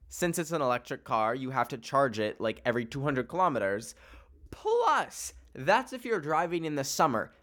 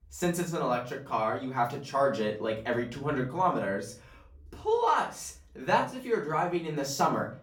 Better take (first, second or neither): first